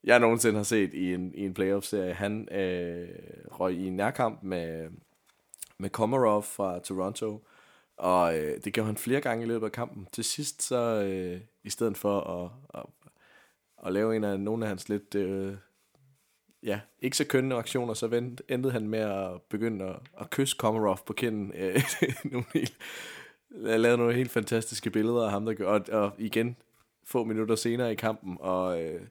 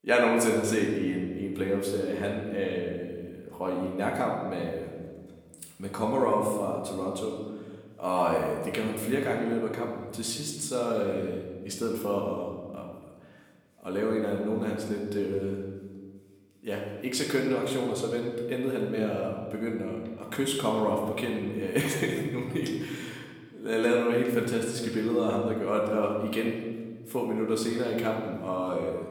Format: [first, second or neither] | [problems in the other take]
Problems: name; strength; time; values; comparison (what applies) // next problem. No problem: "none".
first | room echo; noticeable; dies away in 1.3 s // off-mic speech; somewhat distant